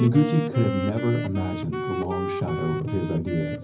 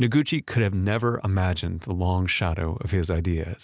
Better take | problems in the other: second | background sound (Wind instrument, woodwind instrument); 6 dB below the speech // room echo; dies away in 0.4 s

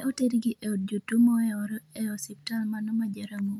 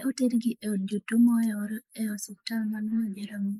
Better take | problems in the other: first | noise reduction (neural mask model Resemble Enhance denoiser)

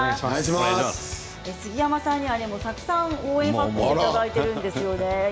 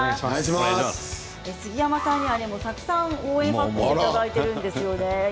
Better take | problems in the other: first | background sound (Alarm); 11 dB below the speech

